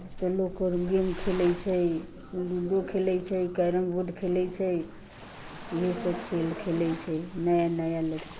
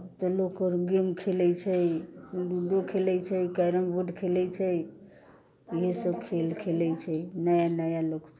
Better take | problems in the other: second | background sound (Waves, surf); 14 dB below the speech

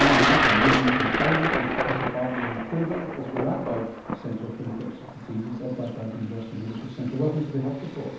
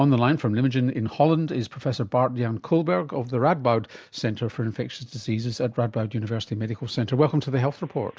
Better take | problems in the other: second | background sound (Thunder); 1 dB above the speech // room echo; dies away in 0.9 s

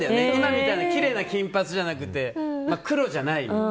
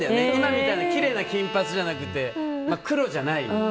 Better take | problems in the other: first | background sound (Bowed string instrument); 14 dB below the speech

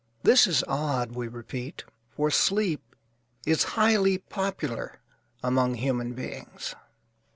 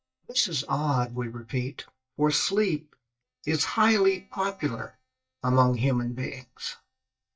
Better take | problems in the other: first | noise reduction (neural mask model DeepFilterNet 3)

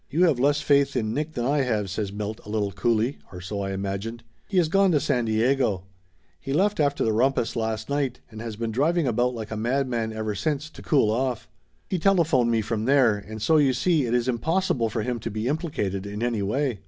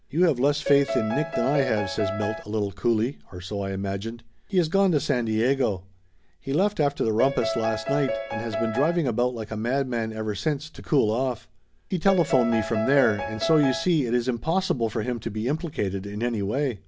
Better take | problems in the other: first | background sound (Piano); 4 dB below the speech

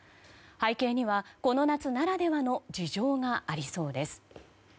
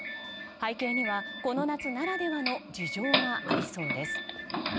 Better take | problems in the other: first | background sound (Doorbell); 1 dB above the speech

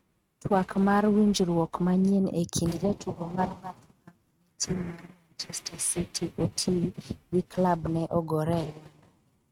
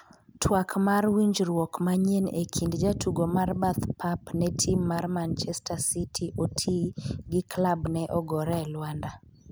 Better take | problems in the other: second | noise reduction (neural mask model RNNoise)

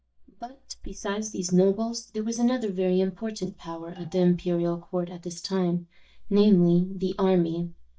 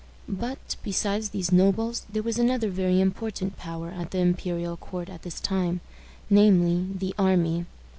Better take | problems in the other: second | noise reduction (neural mask model DeepFilterNet 3)

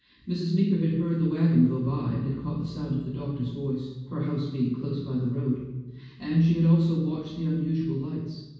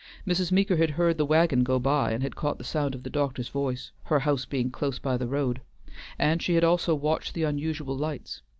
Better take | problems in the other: second | room echo; dies away in 1.2 s

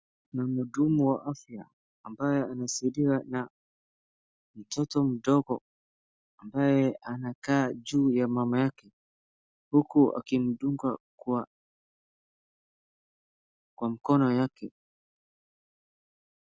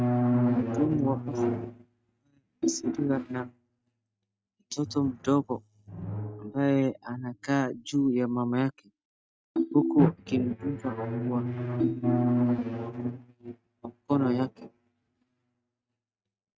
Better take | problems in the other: first | noise reduction (neural mask model RNNoise)

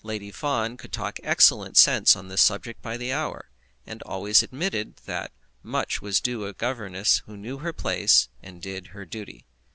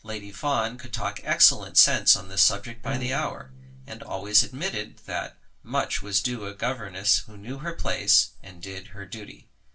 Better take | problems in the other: first | background sound (Bowed string instrument); 14 dB below the speech // room echo; dies away in 0.2 s

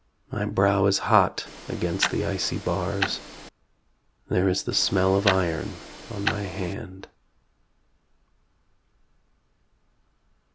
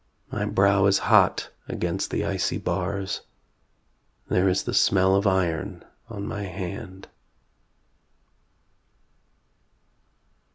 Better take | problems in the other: second | background sound (Tick-tock); 6 dB below the speech

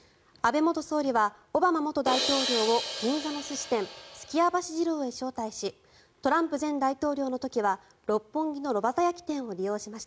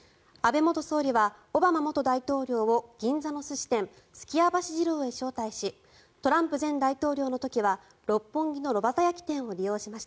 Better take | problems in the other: second | background sound (Crash cymbal); 5 dB below the speech

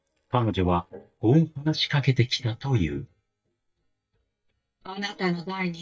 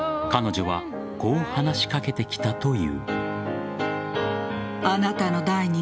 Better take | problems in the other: second | noise reduction (neural mask model DeepFilterNet 3)

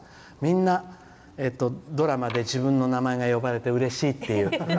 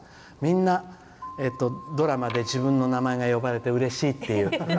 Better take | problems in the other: first | background sound (Keyboard (musical)); 18 dB below the speech

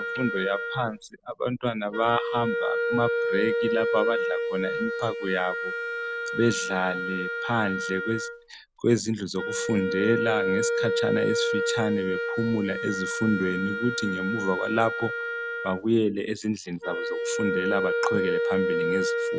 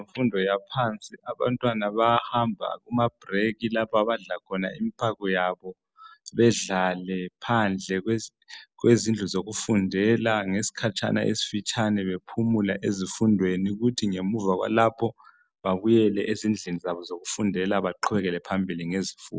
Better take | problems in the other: second | background sound (Wind instrument, woodwind instrument); as loud as the speech

